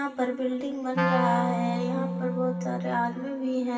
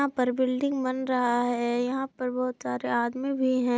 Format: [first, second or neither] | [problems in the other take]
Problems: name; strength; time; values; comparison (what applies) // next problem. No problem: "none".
second | background sound (Wind instrument, woodwind instrument); 1 dB below the speech // room echo; dies away in 2.4 s